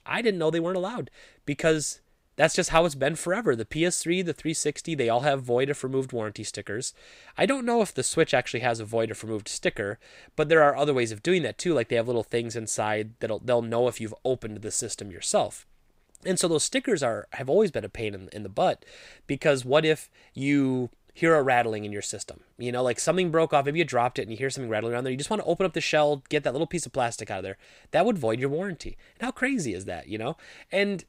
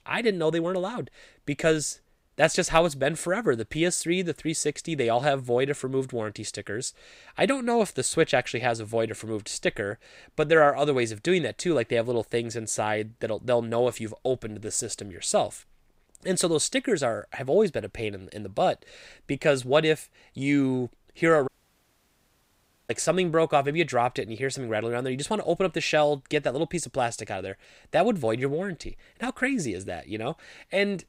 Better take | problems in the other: first | audio cutting out; at 21 s for 1.5 s

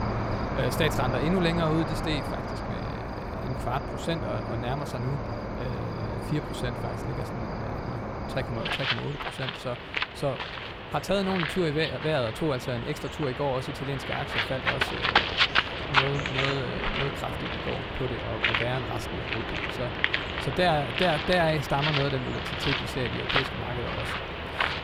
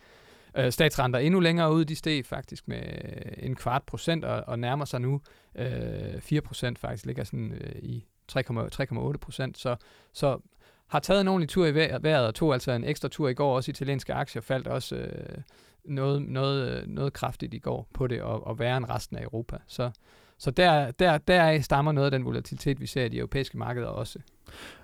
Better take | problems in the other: second | animal sounds; very loud; throughout; 1 dB above the speech

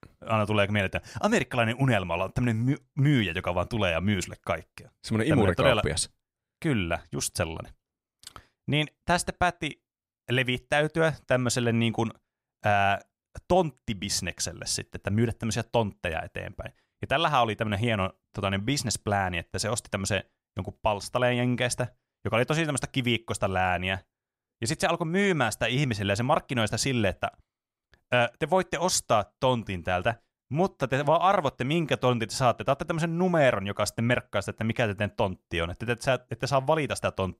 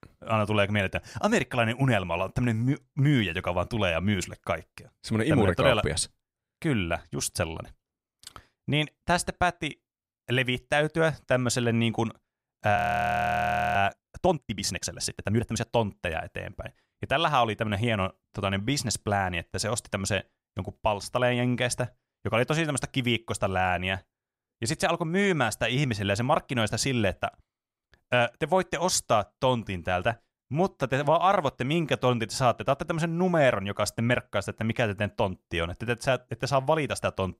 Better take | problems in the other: first | audio freezing; at 13 s for 1 s

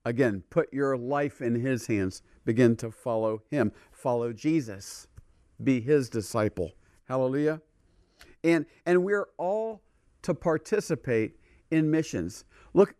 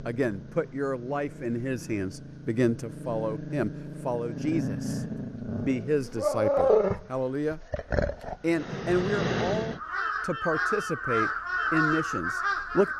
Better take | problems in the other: first | animal sounds; very loud; throughout; 1 dB above the speech

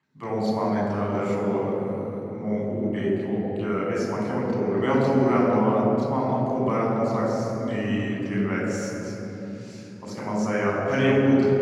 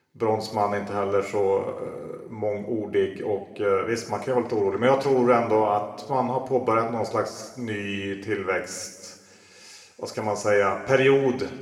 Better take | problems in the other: second | room echo; strong; dies away in 3 s; slight in the second // off-mic speech; far; somewhat distant in the second

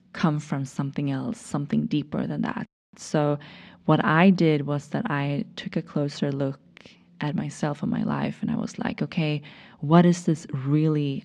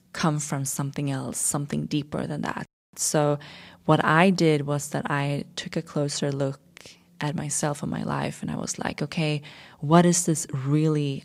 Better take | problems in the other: second | muffled; slightly; fading above 3.5 kHz

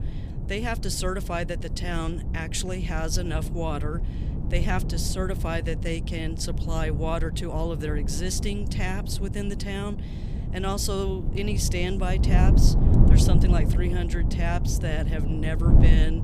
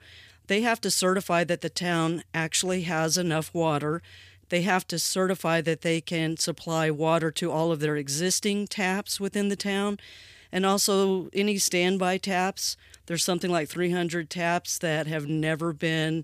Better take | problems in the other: second | wind noise on the microphone; heavy; 6 dB below the speech

